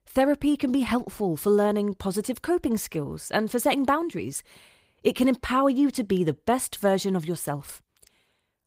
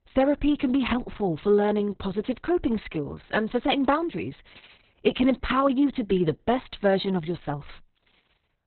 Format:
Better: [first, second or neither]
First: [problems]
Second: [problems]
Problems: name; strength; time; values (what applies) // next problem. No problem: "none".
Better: first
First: garbled, watery; slightly; nothing above 15.5 kHz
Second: garbled, watery; badly; nothing above 4 kHz